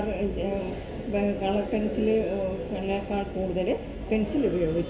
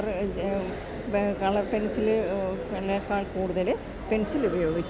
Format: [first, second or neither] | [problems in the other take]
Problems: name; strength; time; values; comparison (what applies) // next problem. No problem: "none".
second | room echo; dies away in 0.7 s